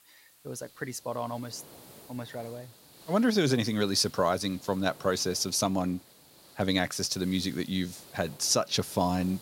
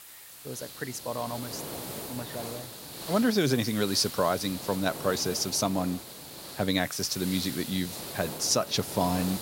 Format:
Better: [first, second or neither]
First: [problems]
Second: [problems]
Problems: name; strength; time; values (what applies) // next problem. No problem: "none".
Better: first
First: hiss; faint; throughout; 20 dB below the speech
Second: hiss; loud; throughout; 10 dB below the speech